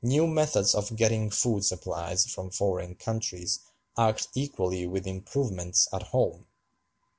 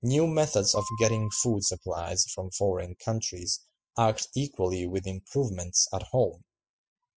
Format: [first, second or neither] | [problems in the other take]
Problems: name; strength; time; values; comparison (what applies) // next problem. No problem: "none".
first | noise reduction (classical method spectral subtraction)